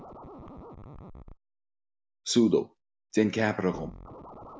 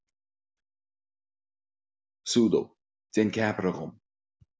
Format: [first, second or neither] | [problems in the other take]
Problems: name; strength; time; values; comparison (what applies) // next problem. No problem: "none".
second | background sound (Scratching (performance technique)); 18 dB below the speech